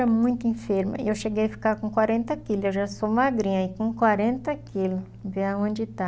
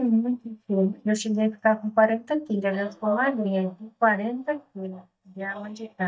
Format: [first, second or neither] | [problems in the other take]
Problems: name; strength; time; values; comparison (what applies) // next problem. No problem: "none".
first | noise reduction (neural mask model DeepFilterNet 3)